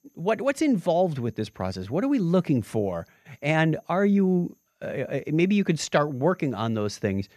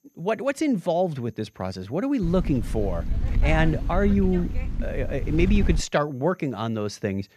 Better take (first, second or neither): first